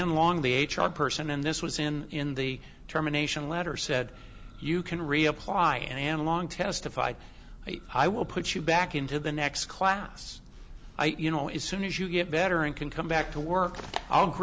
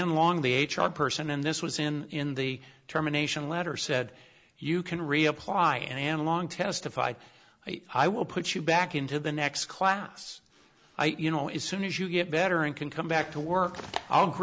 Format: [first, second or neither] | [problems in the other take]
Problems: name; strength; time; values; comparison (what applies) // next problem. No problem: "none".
second | background sound (Church bell); 17 dB below the speech